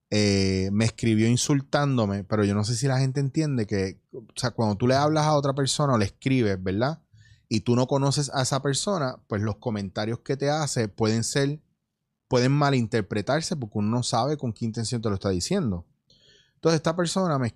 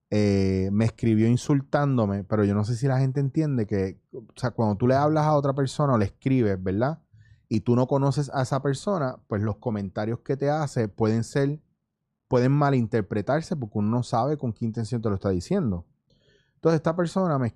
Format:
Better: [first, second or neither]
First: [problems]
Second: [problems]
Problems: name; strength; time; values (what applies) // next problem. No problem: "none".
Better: first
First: none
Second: muffled; slightly; fading above 2 kHz